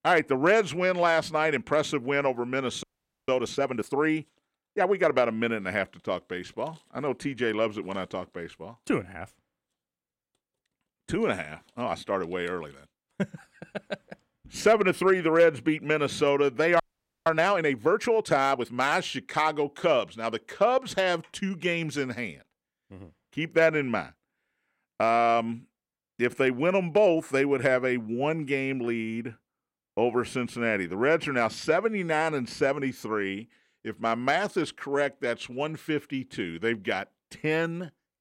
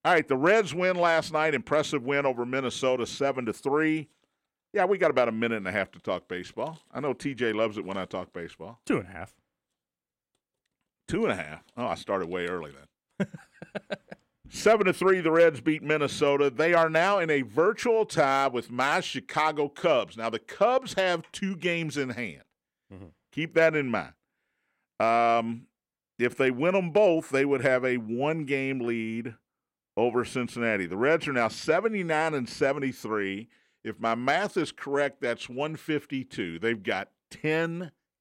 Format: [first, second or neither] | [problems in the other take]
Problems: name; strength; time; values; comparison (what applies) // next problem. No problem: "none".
second | audio freezing; at 3 s and at 17 s